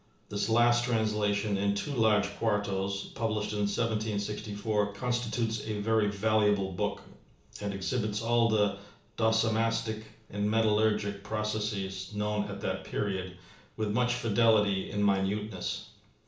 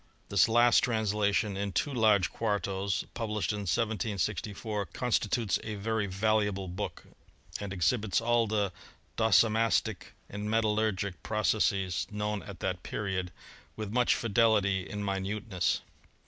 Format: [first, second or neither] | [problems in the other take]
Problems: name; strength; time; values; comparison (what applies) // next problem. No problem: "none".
second | room echo; dies away in 0.8 s